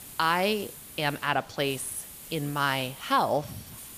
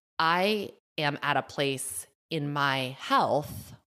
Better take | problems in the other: second | hiss; noticeable; throughout; 15 dB below the speech

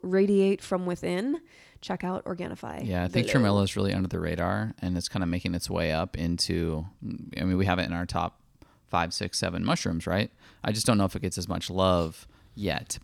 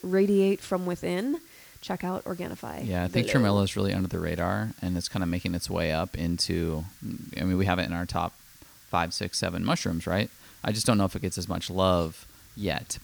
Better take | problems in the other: first | hiss; faint; throughout; 20 dB below the speech

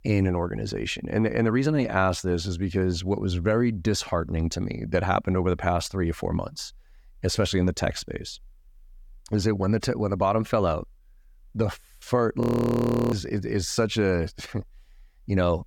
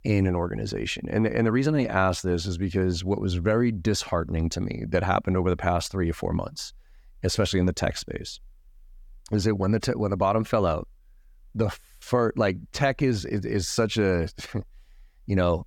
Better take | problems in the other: second | audio freezing; at 12 s for 0.5 s

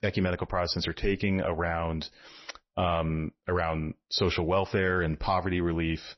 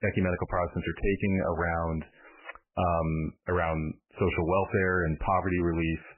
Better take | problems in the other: first | garbled, watery; badly; nothing above 3 kHz; slightly in the first

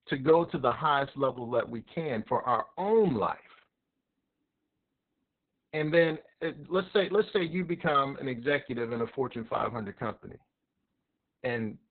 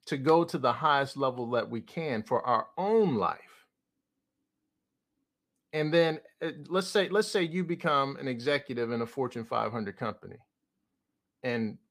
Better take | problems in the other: second | garbled, watery; badly; nothing above 4 kHz

